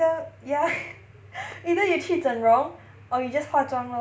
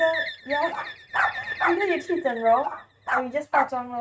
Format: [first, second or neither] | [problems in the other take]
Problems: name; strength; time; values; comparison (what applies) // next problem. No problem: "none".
first | noise reduction (neural mask model RNNoise)